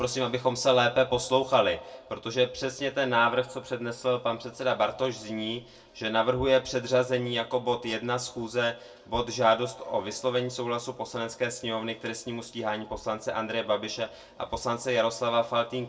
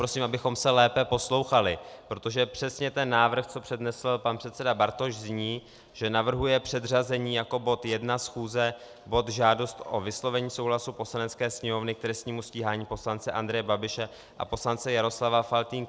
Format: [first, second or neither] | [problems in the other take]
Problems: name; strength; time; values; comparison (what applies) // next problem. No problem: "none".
second | room echo; dies away in 0.2 s